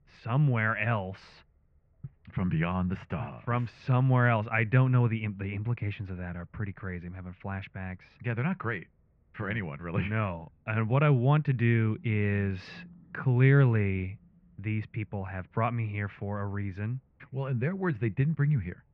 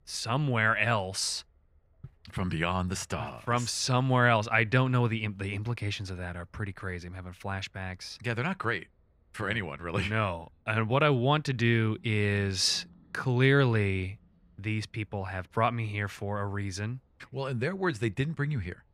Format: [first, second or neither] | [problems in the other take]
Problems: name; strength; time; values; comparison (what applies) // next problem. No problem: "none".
second | muffled; very; fading above 2.5 kHz